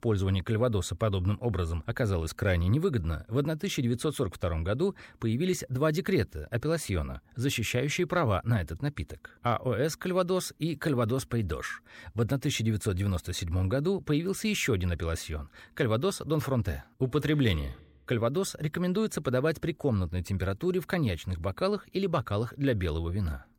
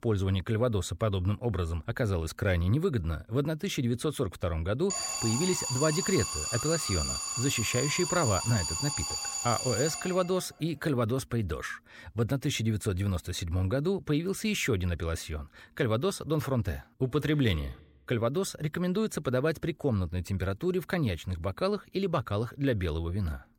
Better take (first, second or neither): first